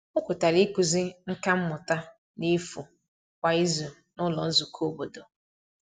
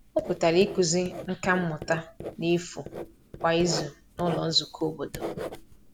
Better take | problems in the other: first | background sound (Writing); 11 dB below the speech

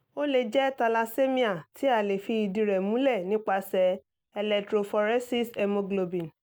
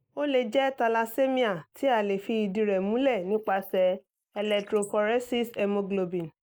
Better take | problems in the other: first | noise reduction (neural mask model Resemble Enhance denoiser)

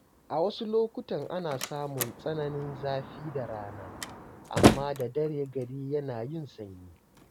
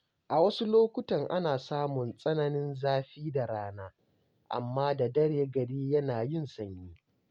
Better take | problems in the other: second | background sound (Slam); 1 dB above the speech

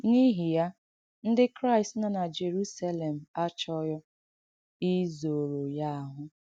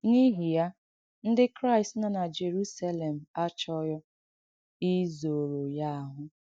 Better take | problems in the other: first | noise reduction (neural mask model DeepFilterNet 3)

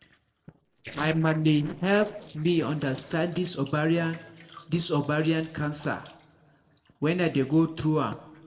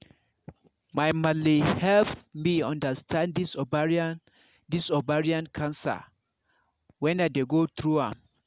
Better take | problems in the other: second | noise reduction (neural separator model SepFormer DNS4)

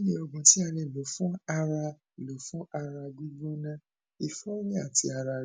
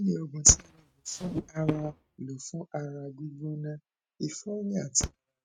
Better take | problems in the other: first | noise reduction (neural mask model RNNoise)

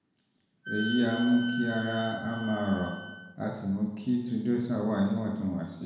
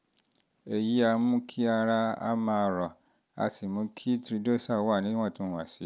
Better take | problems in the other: second | background sound (Wind instrument, woodwind instrument); 10 dB below the speech // room echo; dies away in 0.9 s

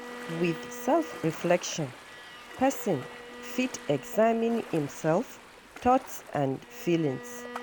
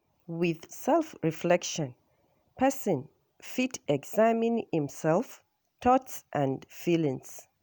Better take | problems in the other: second | background sound (Bowed string instrument + Ocean); 14 dB below the speech

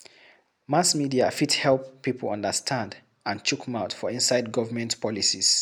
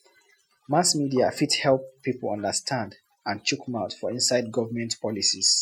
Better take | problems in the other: first | noise reduction (classical method Wiener filter)

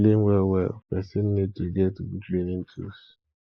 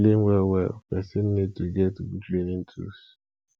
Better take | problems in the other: second | noise reduction (neural mask model Resemble Enhance denoiser)

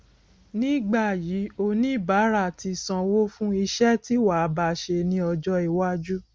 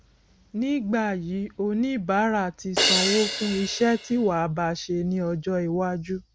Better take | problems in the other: first | background sound (Crash cymbal); 1 dB below the speech

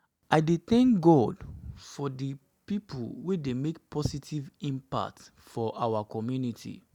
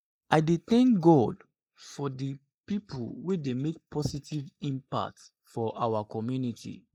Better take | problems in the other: first | noise reduction (neural mask model Resemble Enhance denoiser)

